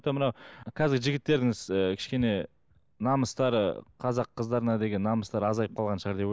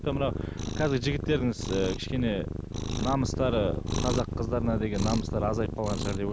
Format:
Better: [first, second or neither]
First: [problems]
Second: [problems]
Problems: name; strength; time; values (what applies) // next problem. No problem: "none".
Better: first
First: none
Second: background sound (Cat); 2 dB below the speech